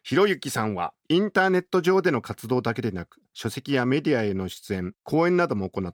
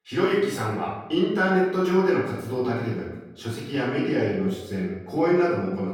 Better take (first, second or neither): first